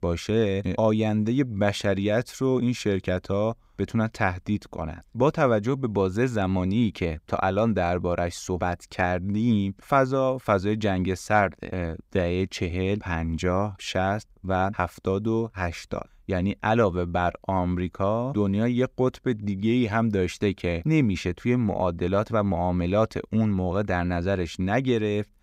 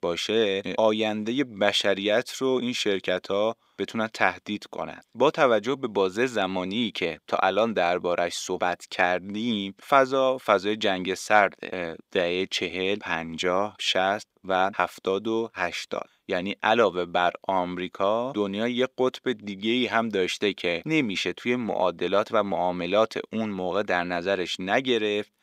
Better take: first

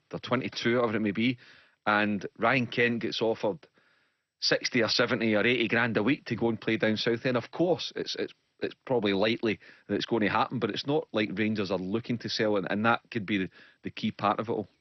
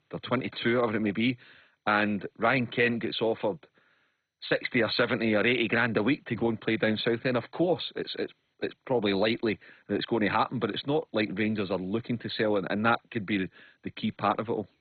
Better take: first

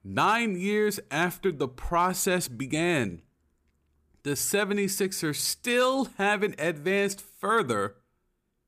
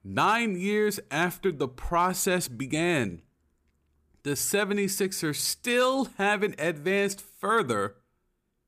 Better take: neither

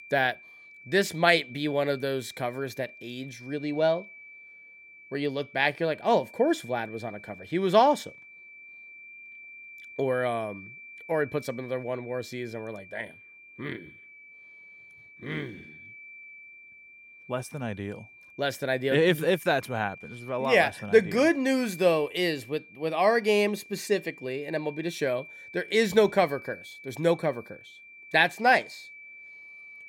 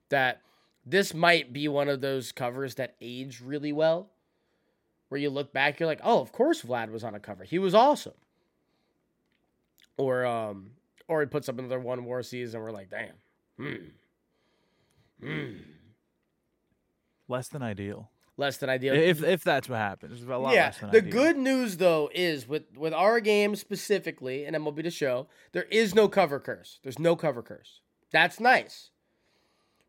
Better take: second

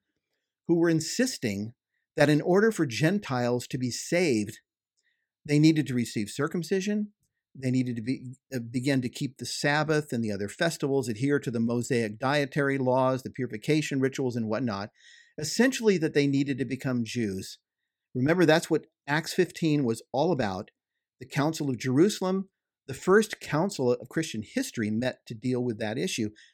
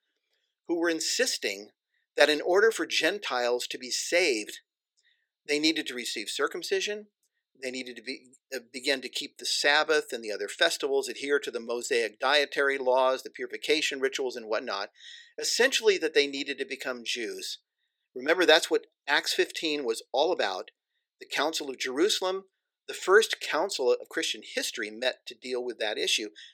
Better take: first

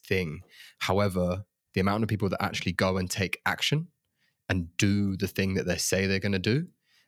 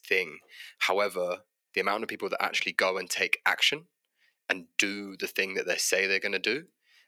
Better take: first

